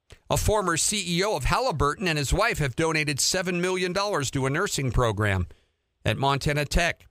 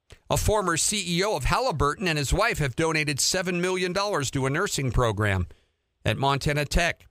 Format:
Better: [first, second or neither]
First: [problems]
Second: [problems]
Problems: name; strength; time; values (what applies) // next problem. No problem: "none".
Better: neither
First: none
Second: none